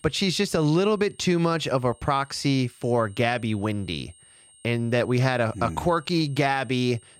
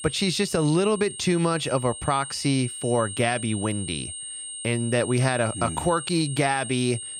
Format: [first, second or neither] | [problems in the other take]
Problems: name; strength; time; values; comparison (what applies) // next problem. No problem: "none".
first | high-pitched whine; loud; throughout; 8.5 kHz, 9 dB below the speech; faint in the first